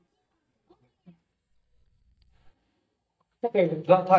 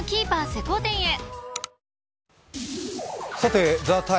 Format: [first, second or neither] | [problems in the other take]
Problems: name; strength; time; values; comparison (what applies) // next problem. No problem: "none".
second | noise reduction (neural mask model DeepFilterNet 3)